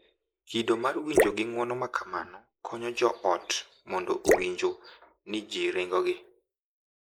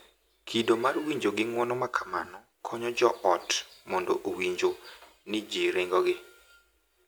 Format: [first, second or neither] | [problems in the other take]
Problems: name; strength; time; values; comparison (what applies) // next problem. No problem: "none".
second | noise reduction (neural mask model Resemble Enhance denoiser)